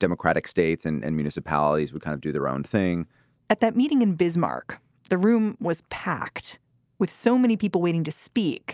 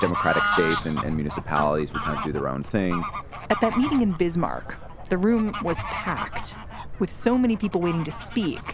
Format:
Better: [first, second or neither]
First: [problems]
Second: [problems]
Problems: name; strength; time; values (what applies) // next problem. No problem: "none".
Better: first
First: none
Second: background sound (Rattle (instrument) + Bird / Fowl); 6 dB below the speech